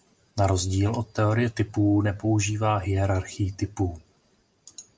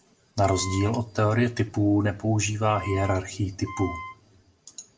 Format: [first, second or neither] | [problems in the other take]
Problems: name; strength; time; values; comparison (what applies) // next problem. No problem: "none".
first | background sound (Wind instrument, woodwind instrument); 13 dB below the speech // room echo; dies away in 0.3 s